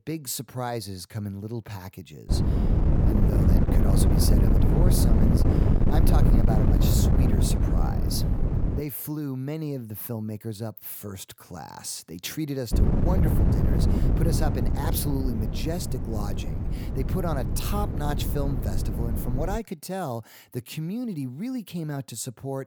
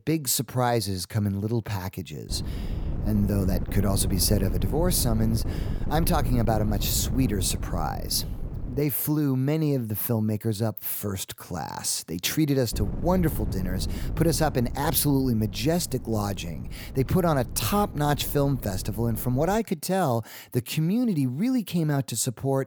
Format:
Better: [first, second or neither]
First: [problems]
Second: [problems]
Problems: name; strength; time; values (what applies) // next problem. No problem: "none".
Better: second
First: wind noise on the microphone; heavy; from 2.5 to 9 s and from 13 to 20 s; 1 dB above the speech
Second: wind noise on the microphone; occasional gusts; from 2.5 to 9 s and from 13 to 20 s; 15 dB below the speech